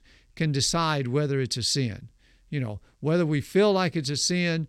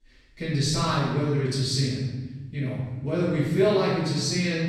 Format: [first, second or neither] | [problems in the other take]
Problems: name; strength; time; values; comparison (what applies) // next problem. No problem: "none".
first | off-mic speech; far // room echo; strong; dies away in 1.3 s